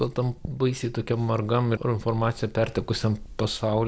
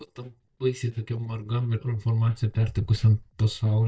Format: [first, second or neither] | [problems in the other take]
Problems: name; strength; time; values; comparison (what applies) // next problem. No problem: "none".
first | noise reduction (neural mask model DeepFilterNet 3)